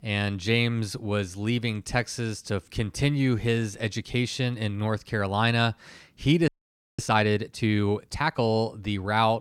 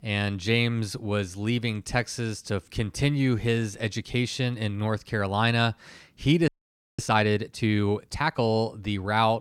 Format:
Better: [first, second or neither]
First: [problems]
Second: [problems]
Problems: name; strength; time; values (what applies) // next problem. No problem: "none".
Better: neither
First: audio freezing; at 6.5 s for 0.5 s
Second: audio freezing; at 6.5 s for 0.5 s